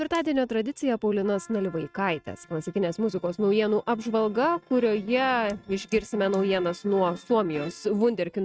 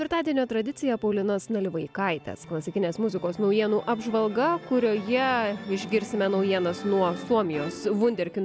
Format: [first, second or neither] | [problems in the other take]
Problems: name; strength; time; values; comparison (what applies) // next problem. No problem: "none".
second | noise reduction (neural mask model RNNoise)